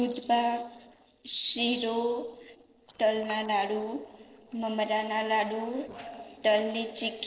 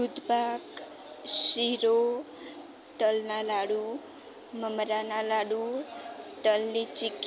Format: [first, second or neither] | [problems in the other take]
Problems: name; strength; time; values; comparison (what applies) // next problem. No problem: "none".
second | noise reduction (neural separator model SepFormer DNS4)